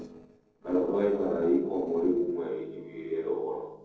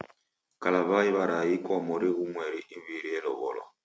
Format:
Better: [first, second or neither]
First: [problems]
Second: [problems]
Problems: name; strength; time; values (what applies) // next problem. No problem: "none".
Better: second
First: noise reduction (neural separator model SepFormer DNS4)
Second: none